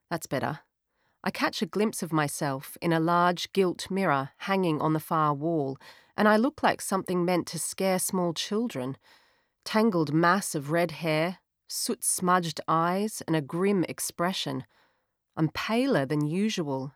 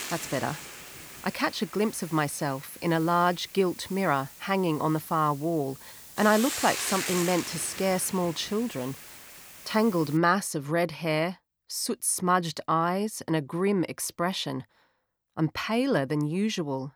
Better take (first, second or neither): first